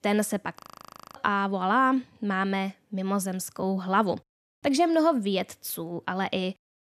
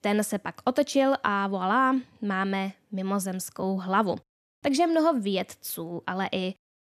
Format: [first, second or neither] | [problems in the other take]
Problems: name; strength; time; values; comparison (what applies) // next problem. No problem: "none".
second | audio freezing; at 0.5 s for 0.5 s